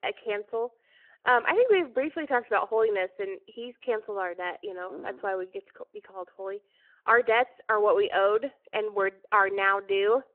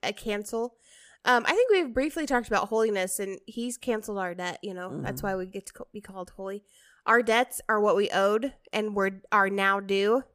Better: second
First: phone-call audio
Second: none

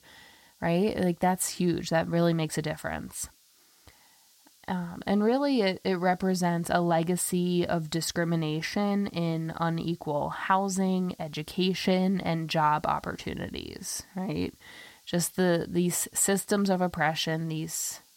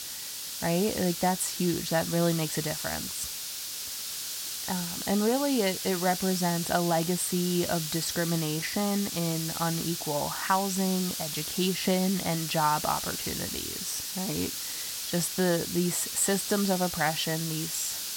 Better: first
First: hiss; faint; throughout; 30 dB below the speech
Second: hiss; loud; throughout; 3 dB below the speech

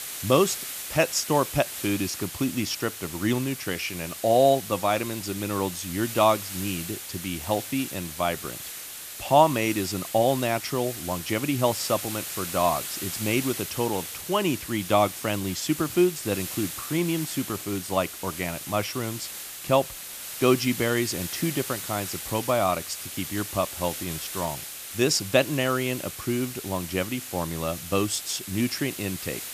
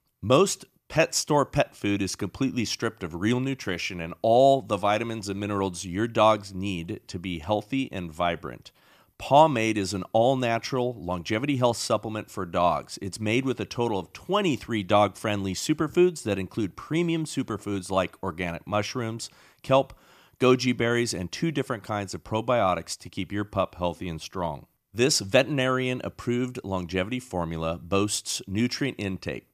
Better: second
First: hiss; loud; throughout; 8 dB below the speech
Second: none

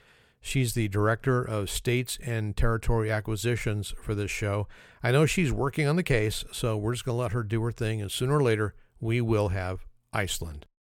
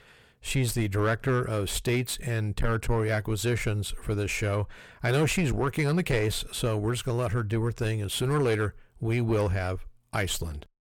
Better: first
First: none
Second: distortion; slight; 10 dB below the speech

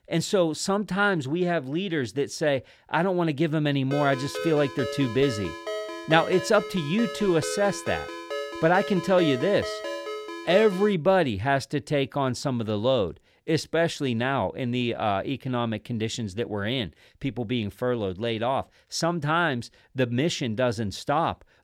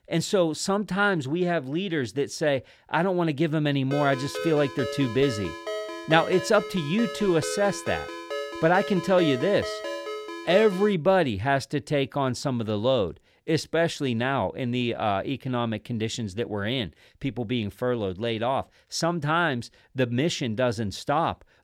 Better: neither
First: phone ringing; noticeable; from 4 to 11 s; peak 7 dB below the speech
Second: phone ringing; noticeable; from 4 to 11 s; peak 7 dB below the speech

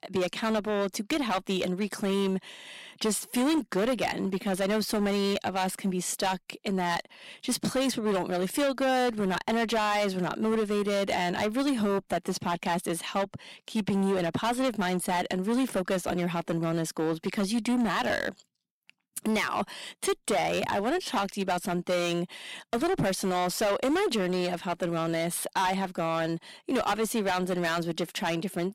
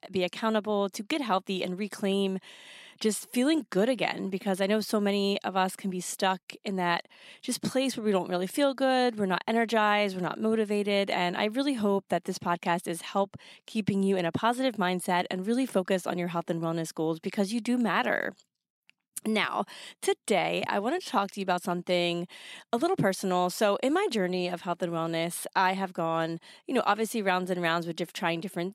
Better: second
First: distortion; heavy; 13% of the sound clipped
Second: none

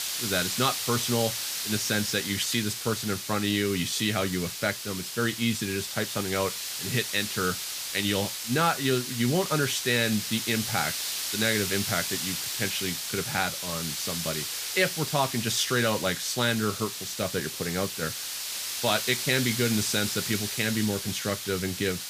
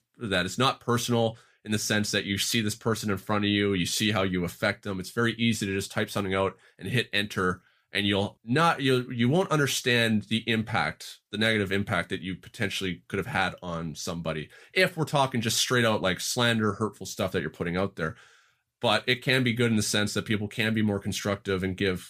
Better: second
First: hiss; loud; throughout; 3 dB below the speech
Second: none

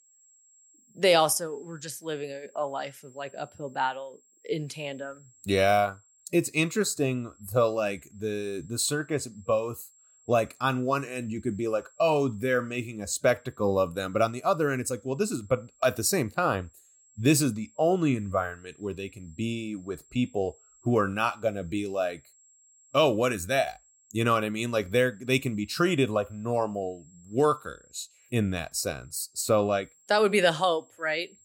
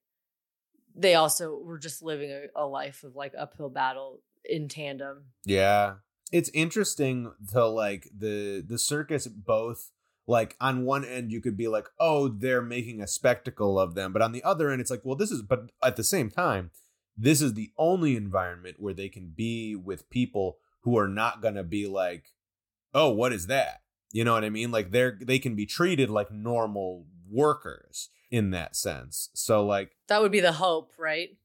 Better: second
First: high-pitched whine; faint; throughout; 7.5 kHz, 30 dB below the speech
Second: none

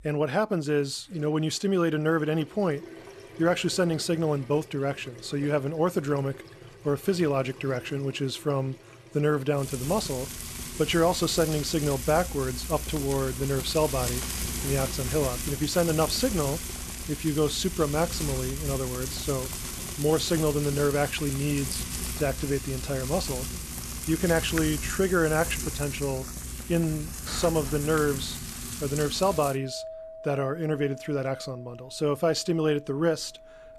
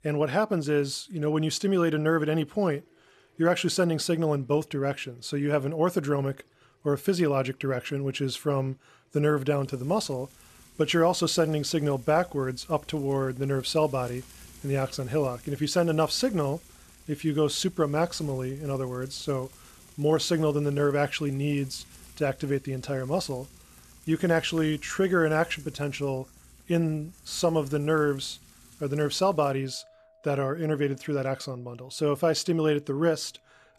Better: second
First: household noises; loud; throughout; 7 dB below the speech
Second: household noises; faint; throughout; 25 dB below the speech

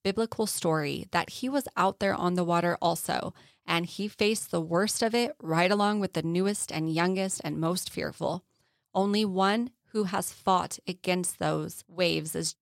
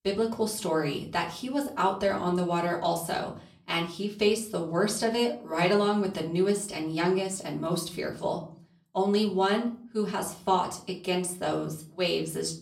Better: first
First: none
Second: off-mic speech; far // room echo; very slight; dies away in 0.4 s

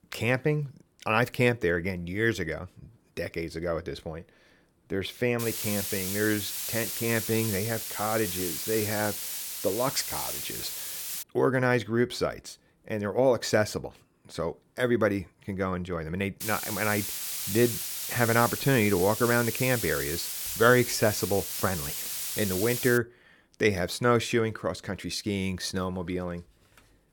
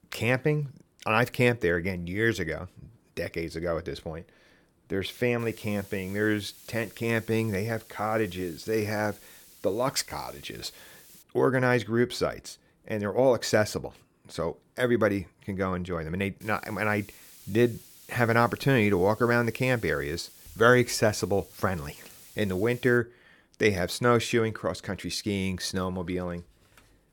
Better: second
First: hiss; loud; from 5.5 to 11 s and from 16 to 23 s; 4 dB below the speech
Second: hiss; faint; from 5.5 to 11 s and from 16 to 23 s; 20 dB below the speech

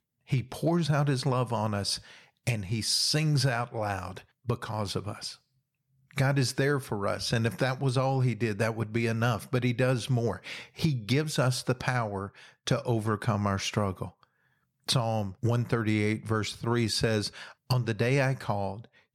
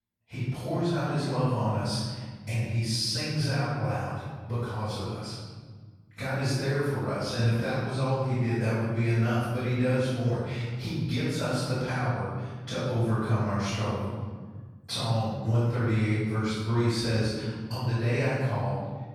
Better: first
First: none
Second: room echo; strong; dies away in 1.6 s // off-mic speech; far

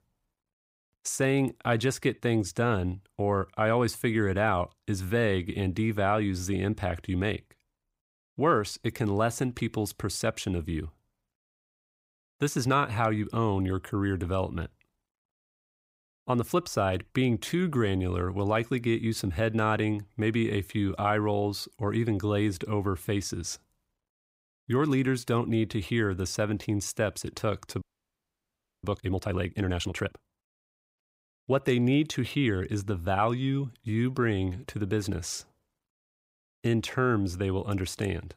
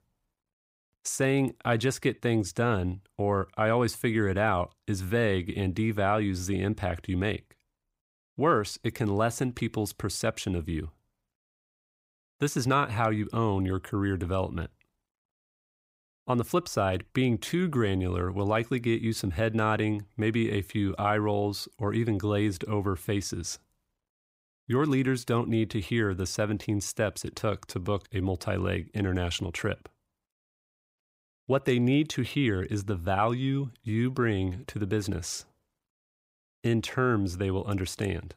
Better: second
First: audio freezing; at 28 s for 1 s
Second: none

